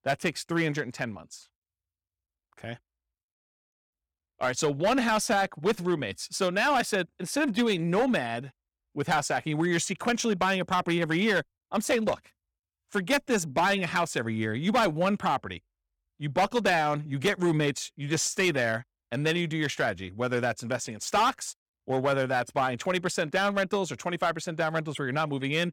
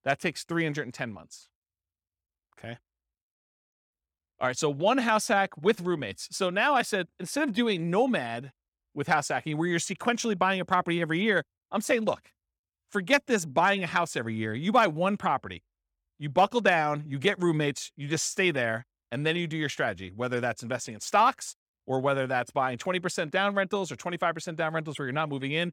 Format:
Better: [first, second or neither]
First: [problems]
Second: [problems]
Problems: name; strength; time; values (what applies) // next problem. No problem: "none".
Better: second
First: distortion; slight; 5% of the sound clipped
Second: none